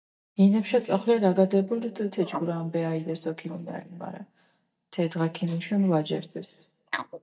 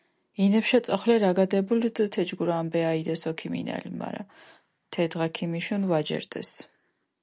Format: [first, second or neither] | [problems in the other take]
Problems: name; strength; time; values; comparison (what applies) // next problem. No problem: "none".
second | noise reduction (neural mask model DeepFilterNet 3)